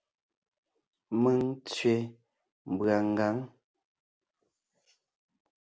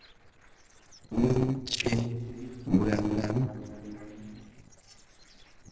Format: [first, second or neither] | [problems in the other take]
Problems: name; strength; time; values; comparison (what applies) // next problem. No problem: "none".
first | noise reduction (neural separator model SepFormer DNS4)